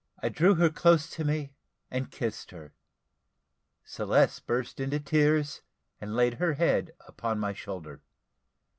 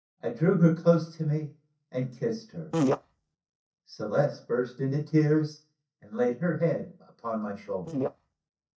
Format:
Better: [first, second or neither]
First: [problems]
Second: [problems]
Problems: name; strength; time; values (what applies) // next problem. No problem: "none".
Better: first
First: none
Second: noise reduction (neural mask model DeepFilterNet 3)